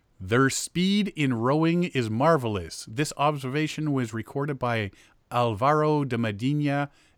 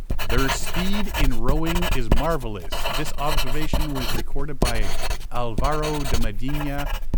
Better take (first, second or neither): first